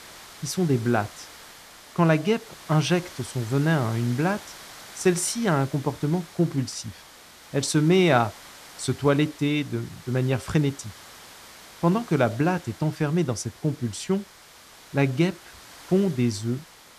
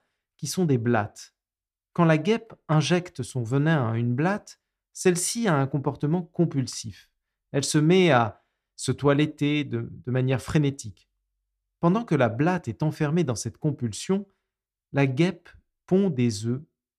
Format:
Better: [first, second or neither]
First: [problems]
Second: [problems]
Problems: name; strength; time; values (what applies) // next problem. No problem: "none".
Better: second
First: hiss; noticeable; throughout; 20 dB below the speech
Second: none